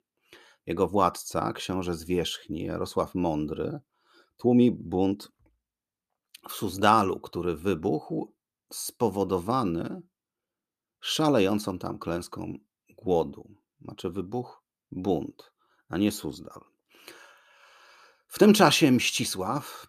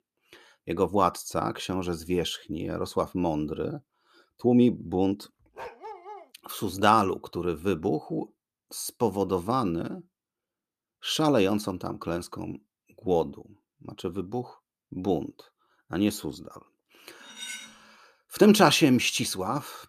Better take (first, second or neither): first